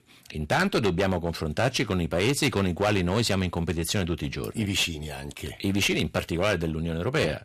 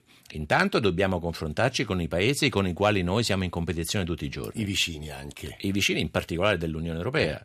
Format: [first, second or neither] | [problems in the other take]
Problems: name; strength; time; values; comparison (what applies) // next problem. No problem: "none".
second | distortion; slight; 9% of the sound clipped